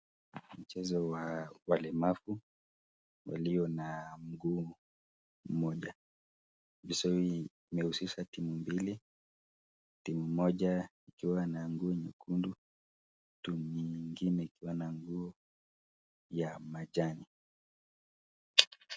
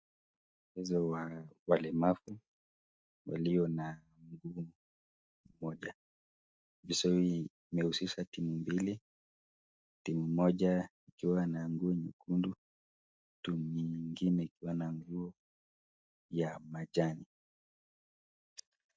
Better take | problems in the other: first | noise reduction (neural mask model DeepFilterNet 3)

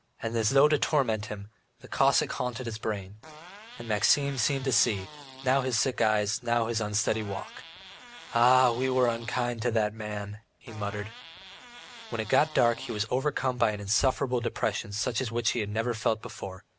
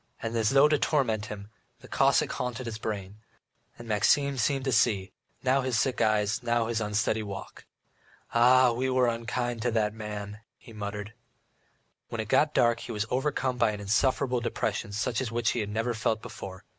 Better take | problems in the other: second | background sound (Fart); 18 dB below the speech

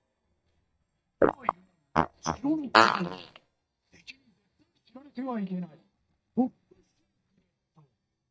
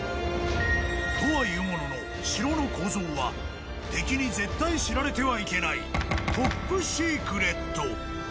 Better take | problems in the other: second | noise reduction (neural mask model DeepFilterNet 3)

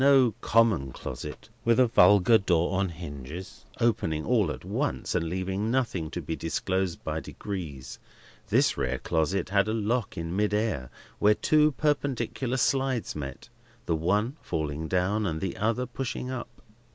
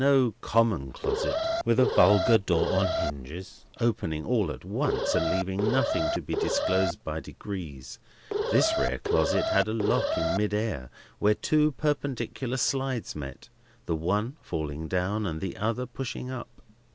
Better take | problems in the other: first | background sound (Alarm); 1 dB below the speech

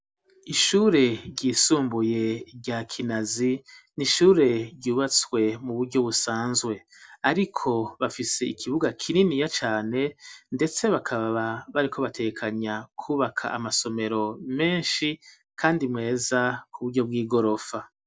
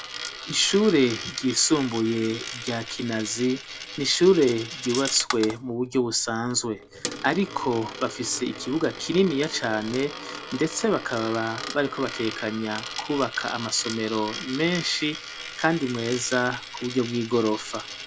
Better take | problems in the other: first | background sound (Coin (dropping)); 11 dB below the speech

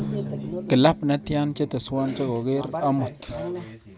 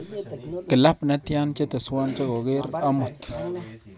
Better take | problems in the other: second | background sound (Drum); 13 dB below the speech

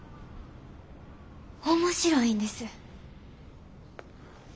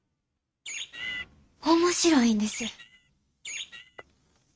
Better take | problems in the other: first | noise reduction (neural mask model RNNoise)

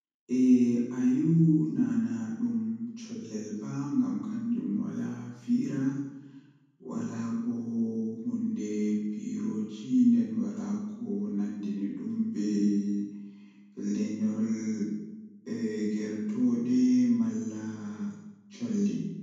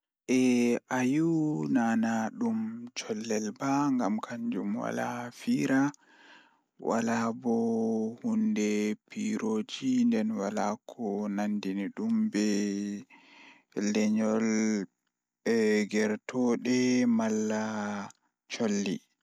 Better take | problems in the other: second | room echo; dies away in 1.1 s

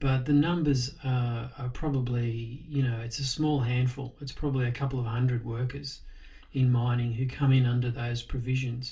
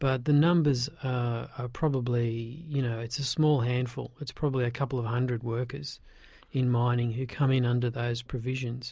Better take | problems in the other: second | room echo; dies away in 0.2 s

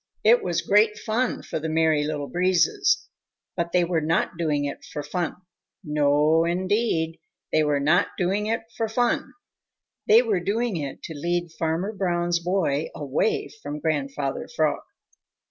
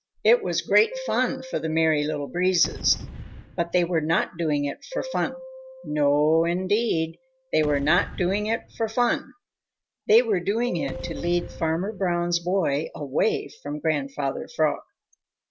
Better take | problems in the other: first | background sound (Gunshot, gunfire / Boom + Piano); 15 dB below the speech

